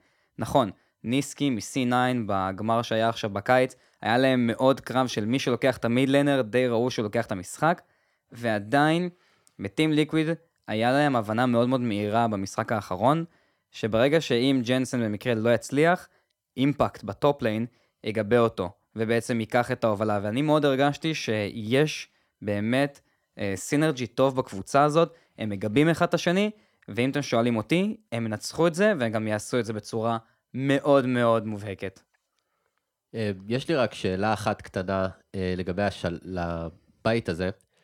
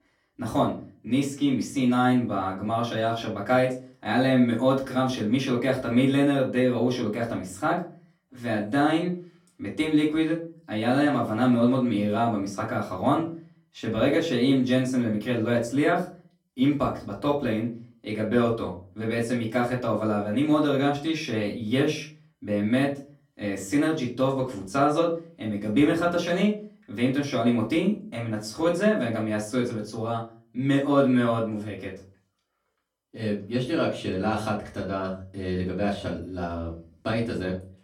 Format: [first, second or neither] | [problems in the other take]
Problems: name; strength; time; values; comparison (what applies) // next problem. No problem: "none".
first | room echo; slight; dies away in 0.3 s // off-mic speech; far